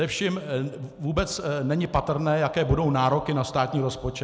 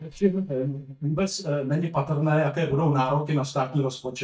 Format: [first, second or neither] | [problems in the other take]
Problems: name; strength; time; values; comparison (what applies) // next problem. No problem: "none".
first | noise reduction (neural mask model DeepFilterNet 3)